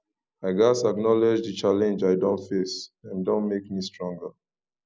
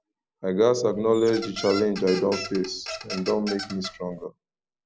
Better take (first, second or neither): first